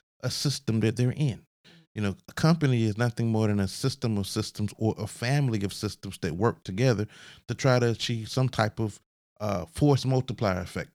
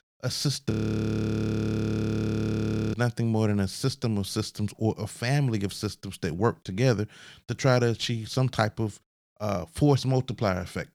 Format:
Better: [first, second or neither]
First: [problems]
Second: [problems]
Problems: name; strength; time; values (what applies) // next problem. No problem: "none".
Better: first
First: none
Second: audio freezing; at 0.5 s for 2 s